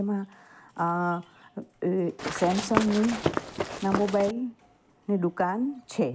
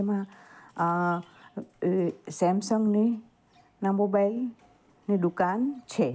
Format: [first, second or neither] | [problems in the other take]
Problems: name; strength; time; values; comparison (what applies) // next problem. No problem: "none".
second | background sound (Run); 2 dB below the speech